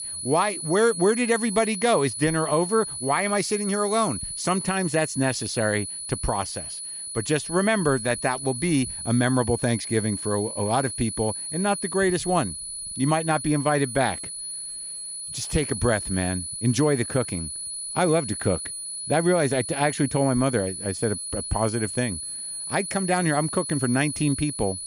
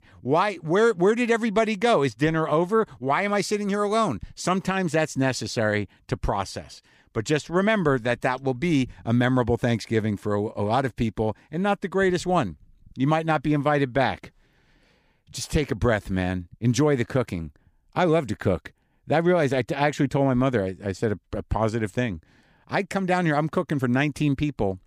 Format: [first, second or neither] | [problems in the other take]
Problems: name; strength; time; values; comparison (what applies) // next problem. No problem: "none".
second | high-pitched whine; loud; throughout; 10 kHz, 6 dB below the speech